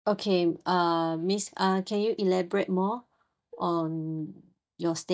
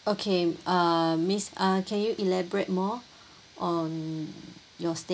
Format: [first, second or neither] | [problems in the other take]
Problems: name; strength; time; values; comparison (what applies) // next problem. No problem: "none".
second | noise reduction (neural mask model DeepFilterNet 3)